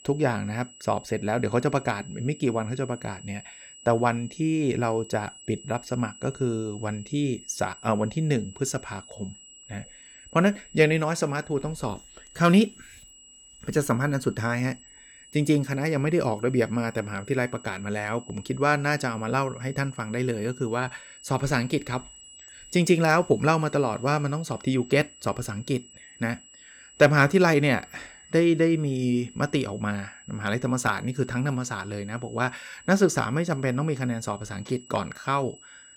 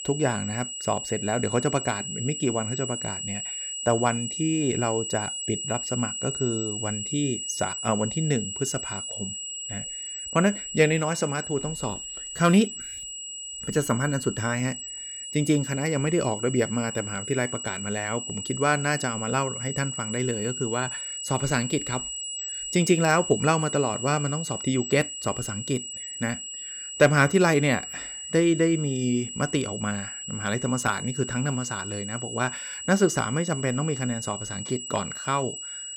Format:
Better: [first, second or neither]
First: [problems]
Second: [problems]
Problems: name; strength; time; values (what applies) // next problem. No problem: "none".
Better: first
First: high-pitched whine; faint; throughout; 8 kHz, 20 dB below the speech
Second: high-pitched whine; loud; throughout; 8 kHz, 6 dB below the speech